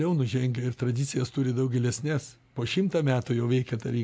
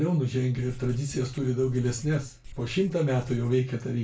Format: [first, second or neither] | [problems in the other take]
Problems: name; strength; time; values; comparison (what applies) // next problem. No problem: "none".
first | background sound (Writing); 18 dB below the speech // room echo; dies away in 0.2 s